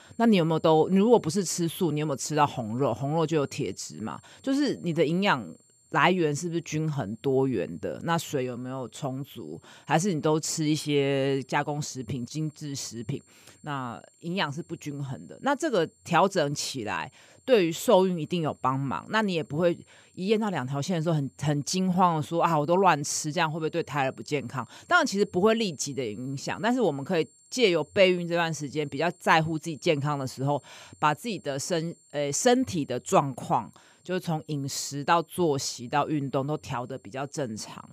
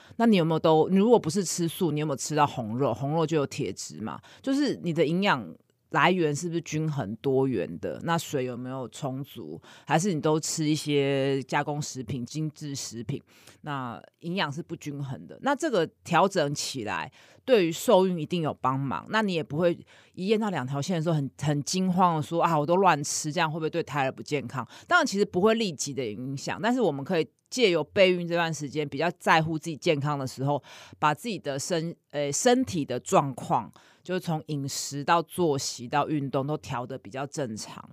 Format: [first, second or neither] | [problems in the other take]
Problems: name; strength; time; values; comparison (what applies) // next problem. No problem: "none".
second | high-pitched whine; faint; throughout; 7.5 kHz, 30 dB below the speech